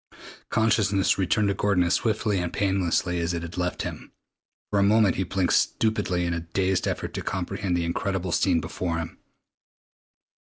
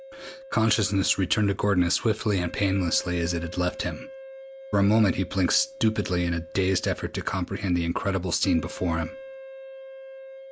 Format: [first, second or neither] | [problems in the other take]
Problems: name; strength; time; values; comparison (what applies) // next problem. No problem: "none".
first | background sound (Wind instrument, woodwind instrument); 17 dB below the speech